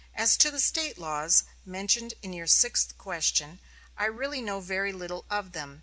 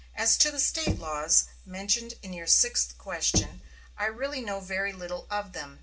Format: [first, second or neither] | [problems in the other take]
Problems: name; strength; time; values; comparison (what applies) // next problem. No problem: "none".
first | background sound (Knock); 9 dB below the speech // room echo; dies away in 0.2 s